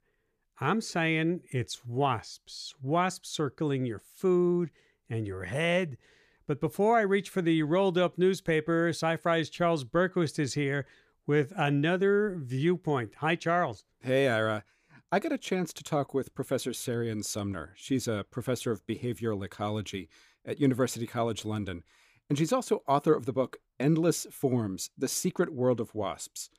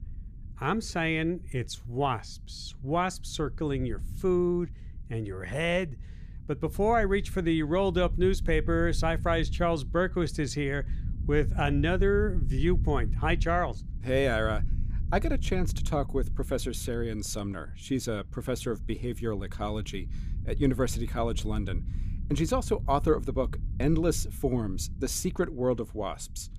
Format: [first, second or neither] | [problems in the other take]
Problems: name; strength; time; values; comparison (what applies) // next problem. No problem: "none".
first | low rumble; faint; throughout; 20 dB below the speech